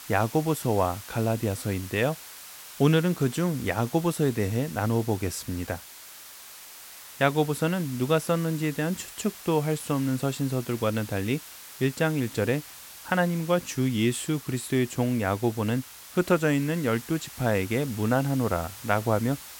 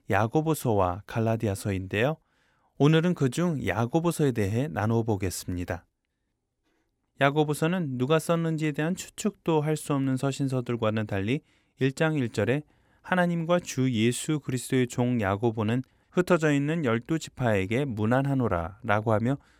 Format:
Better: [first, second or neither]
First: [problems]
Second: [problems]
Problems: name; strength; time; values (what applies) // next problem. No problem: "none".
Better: second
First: hiss; noticeable; throughout; 15 dB below the speech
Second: none